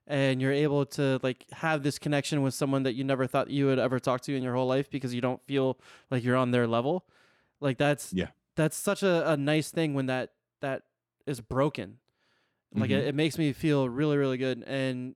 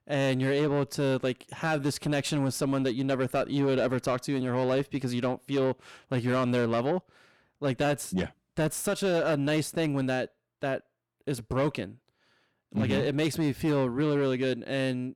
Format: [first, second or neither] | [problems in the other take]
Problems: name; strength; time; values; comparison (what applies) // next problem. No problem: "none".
first | distortion; slight; 10 dB below the speech